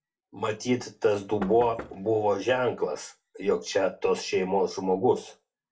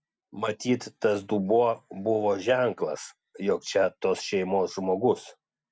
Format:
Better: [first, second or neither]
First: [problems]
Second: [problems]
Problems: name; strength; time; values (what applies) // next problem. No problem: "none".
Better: second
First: background sound (Knock); 15 dB below the speech // room echo; dies away in 0.2 s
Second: none